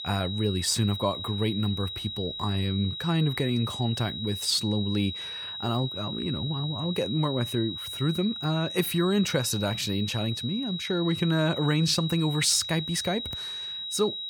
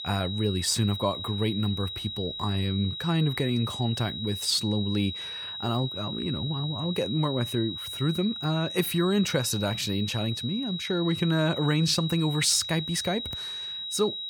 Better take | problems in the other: neither | high-pitched whine; loud; throughout; 4 kHz, 6 dB below the speech; the same in both

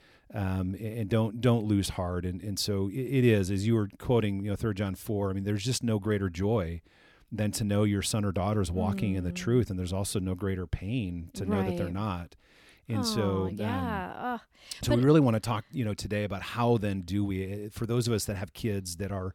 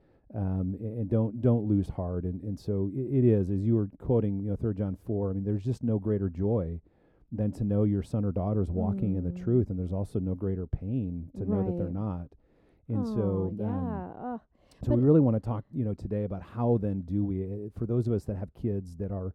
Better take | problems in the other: first | muffled; very; fading above 1.5 kHz

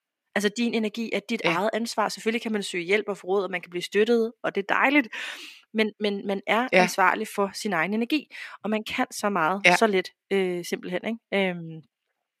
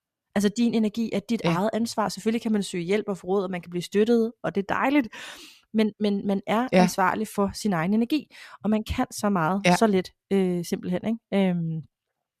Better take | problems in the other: second | thin; very slightly; fading below 300 Hz

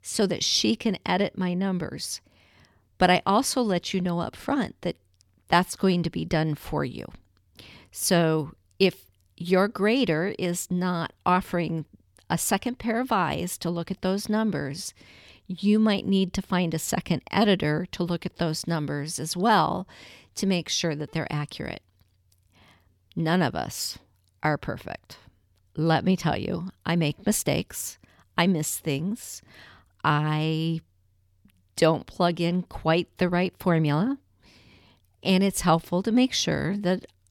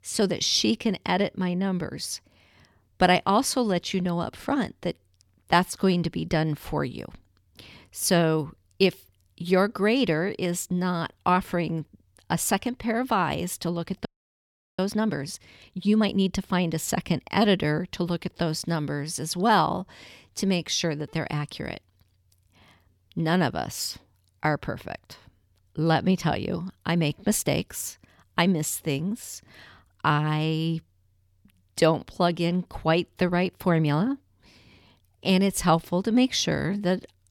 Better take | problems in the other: first | audio freezing; at 14 s for 0.5 s

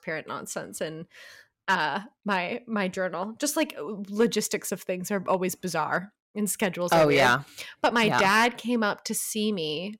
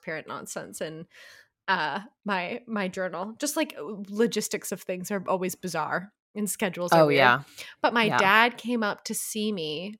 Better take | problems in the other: second | distortion; slight; 1.7% of the sound clipped

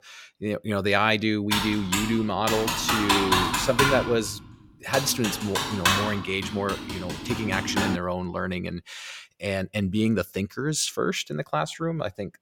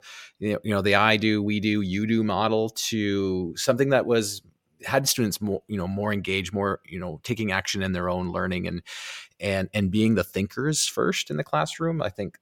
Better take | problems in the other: second | keyboard typing; loud; from 1.5 to 8 s; peak 6 dB above the speech

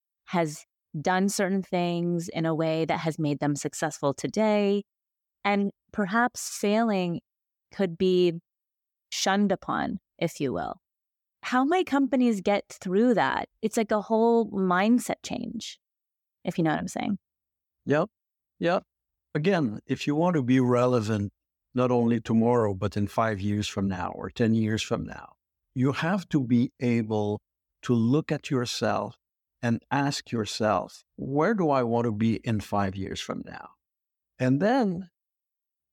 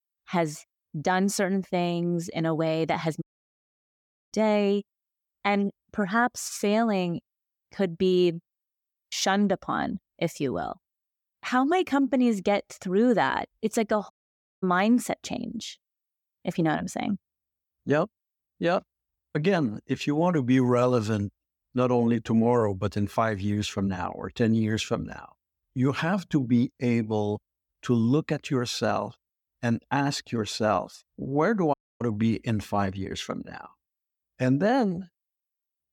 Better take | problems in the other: first | audio cutting out; at 3 s for 1 s, at 14 s for 0.5 s and at 32 s

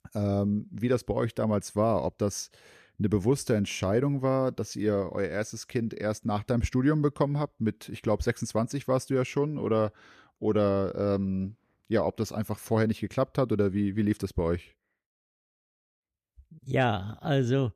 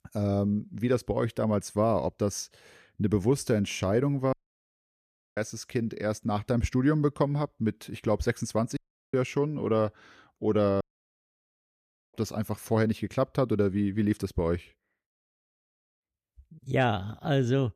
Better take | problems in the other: first | audio cutting out; at 4.5 s for 1 s, at 9 s and at 11 s for 1.5 s

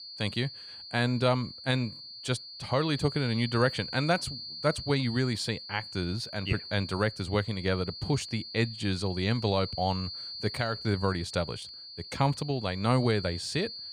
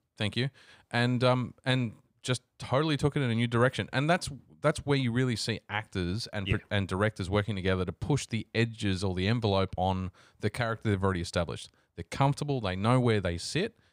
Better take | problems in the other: second | high-pitched whine; loud; throughout; 4.5 kHz, 9 dB below the speech

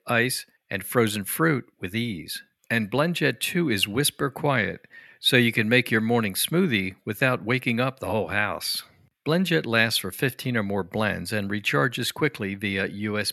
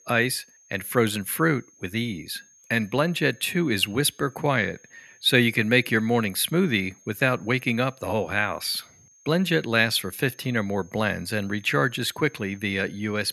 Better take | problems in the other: first | high-pitched whine; faint; throughout; 6.5 kHz, 30 dB below the speech

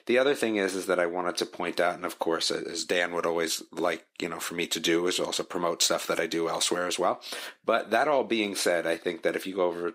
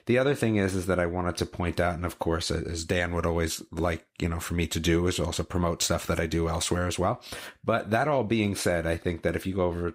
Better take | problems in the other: second | thin; somewhat; fading below 300 Hz

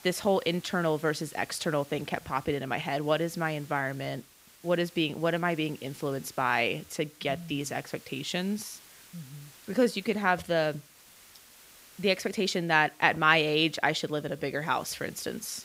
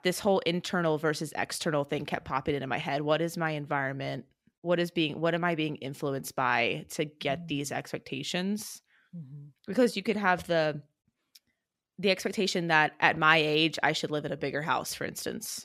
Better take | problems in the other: second | hiss; faint; throughout; 25 dB below the speech

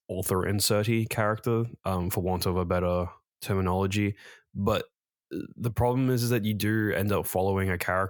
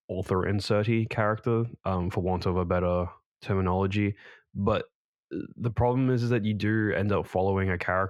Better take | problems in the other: first | muffled; slightly; fading above 3 kHz

